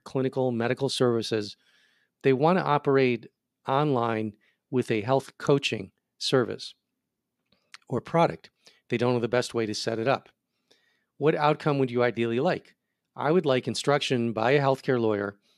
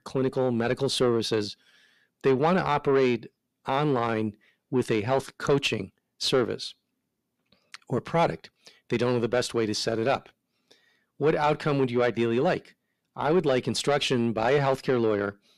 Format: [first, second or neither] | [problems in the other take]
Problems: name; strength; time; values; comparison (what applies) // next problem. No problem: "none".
first | distortion; slight; 10 dB below the speech